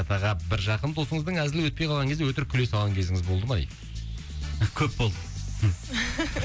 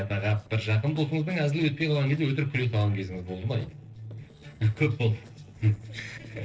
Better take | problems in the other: first | noise reduction (neural separator model SepFormer DNS4)

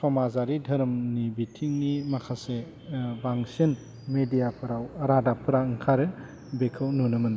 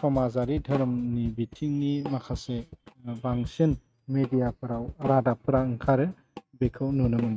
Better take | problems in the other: first | noise reduction (neural mask model RNNoise)

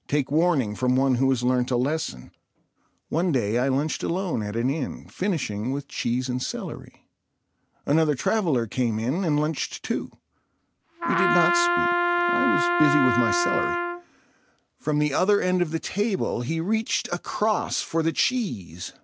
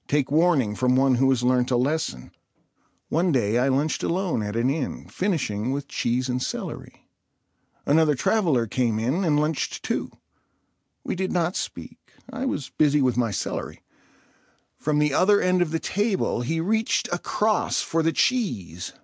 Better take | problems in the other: second | background sound (Trumpet); 2 dB above the speech

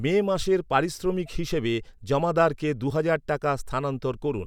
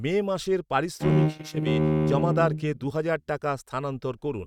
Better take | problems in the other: first | noise reduction (neural mask model RNNoise)

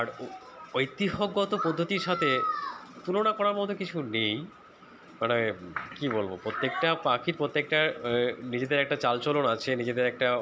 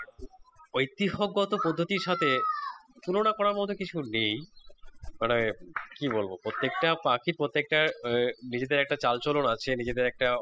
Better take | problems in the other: first | noise reduction (classical method spectral subtraction)

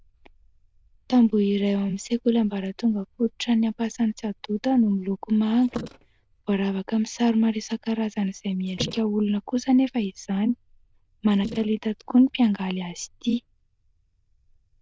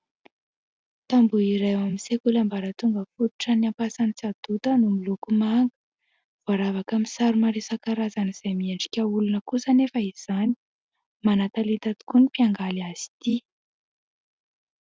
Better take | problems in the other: second | noise reduction (neural diffusion model UNIVERSE++)

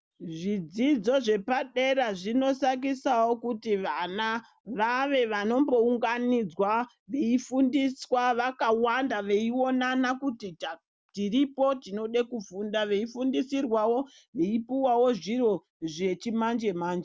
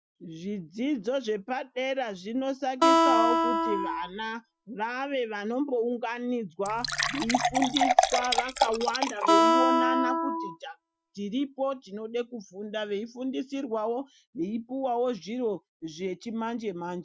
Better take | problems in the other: first | noise reduction (classical method Wiener filter)

